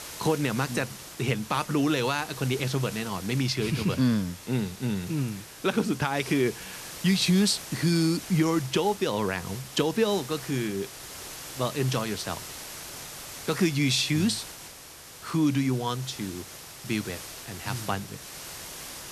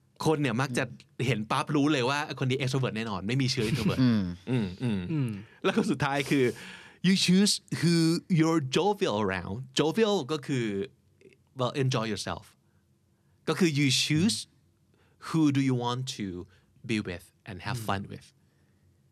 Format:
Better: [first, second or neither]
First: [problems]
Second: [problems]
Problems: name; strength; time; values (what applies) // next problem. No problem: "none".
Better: second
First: hiss; noticeable; throughout; 10 dB below the speech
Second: none